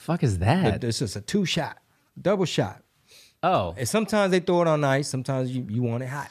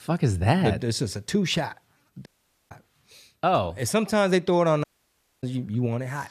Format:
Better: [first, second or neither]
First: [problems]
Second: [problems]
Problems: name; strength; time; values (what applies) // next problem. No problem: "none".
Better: first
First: none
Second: audio cutting out; at 2.5 s and at 5 s for 0.5 s